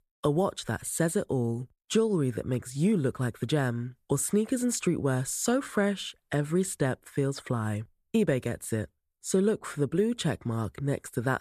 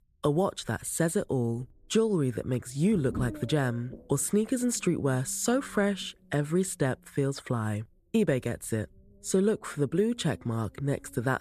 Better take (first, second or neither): first